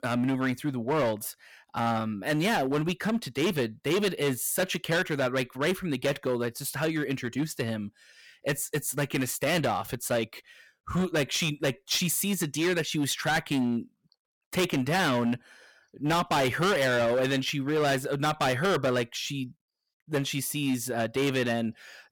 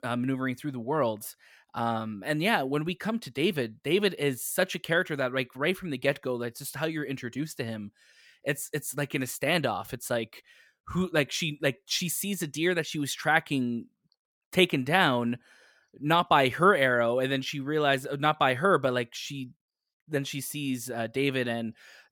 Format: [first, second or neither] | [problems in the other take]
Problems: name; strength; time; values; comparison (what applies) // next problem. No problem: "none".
second | distortion; heavy; 12% of the sound clipped